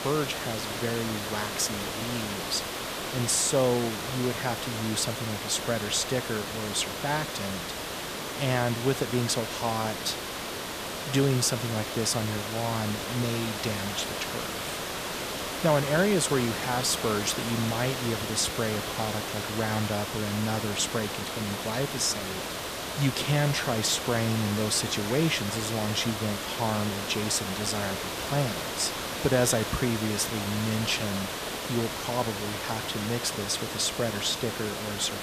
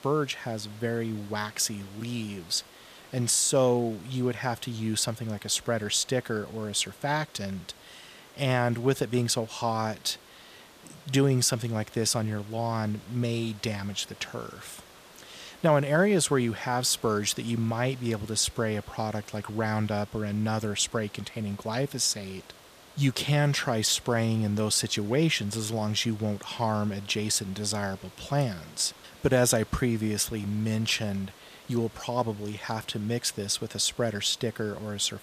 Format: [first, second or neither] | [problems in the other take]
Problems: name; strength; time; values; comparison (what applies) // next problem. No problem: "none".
second | hiss; loud; throughout; 3 dB below the speech; faint in the second